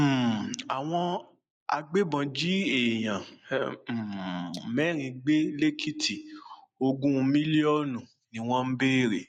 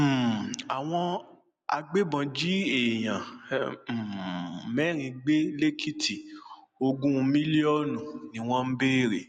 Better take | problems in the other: second | noise reduction (neural mask model Resemble Enhance denoiser)

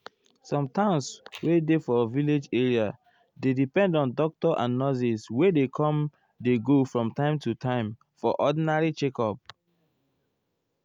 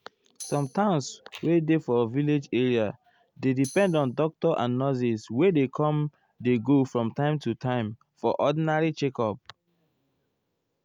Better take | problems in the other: first | background sound (Tambourine); 18 dB below the speech

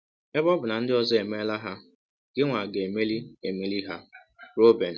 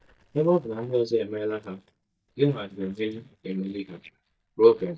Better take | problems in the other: first | noise reduction (neural mask model DeepFilterNet 3)

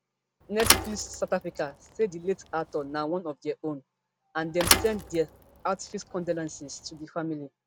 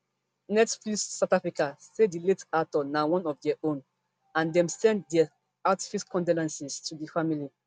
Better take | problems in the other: second | background sound (Thump, thud); as loud as the speech

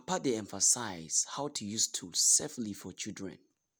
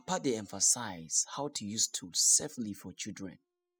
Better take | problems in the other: first | noise reduction (classical method spectral subtraction)

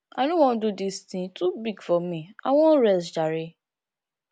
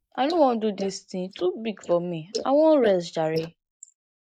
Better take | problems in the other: first | noise reduction (neural mask model Resemble Enhance denoiser)

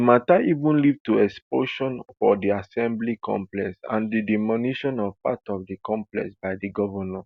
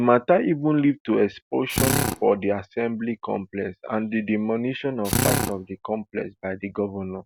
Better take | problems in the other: first | background sound (Drill); as loud as the speech

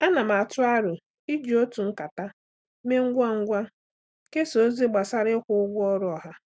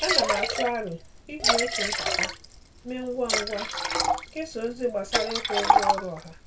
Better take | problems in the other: first | background sound (Liquid); 5 dB above the speech // room echo; dies away in 0.2 s

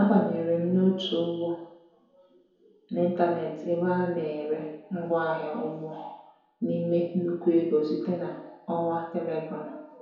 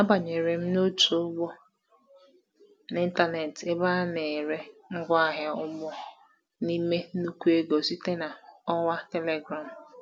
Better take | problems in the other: second | room echo; dies away in 0.9 s

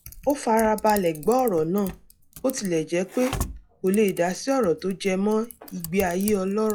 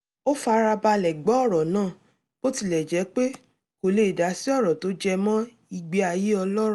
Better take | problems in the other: second | noise reduction (classical method log-MMSE)

